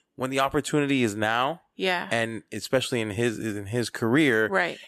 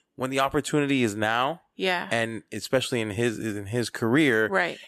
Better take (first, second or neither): neither